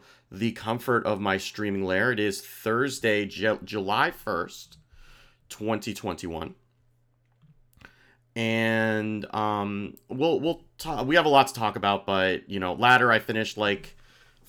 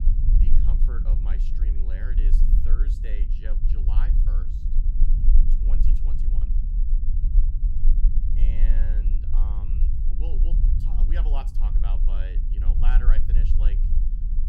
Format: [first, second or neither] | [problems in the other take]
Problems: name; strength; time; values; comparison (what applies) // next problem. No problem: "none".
first | low rumble; loud; throughout; 2 dB below the speech